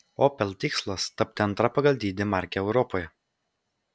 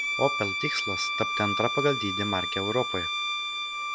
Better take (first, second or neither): first